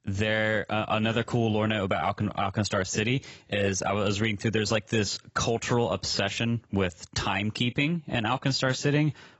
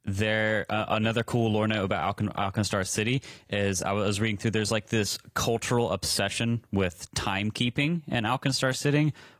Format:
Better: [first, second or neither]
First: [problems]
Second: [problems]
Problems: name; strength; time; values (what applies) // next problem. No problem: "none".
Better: second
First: garbled, watery; badly; nothing above 7.5 kHz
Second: garbled, watery; slightly; nothing above 15 kHz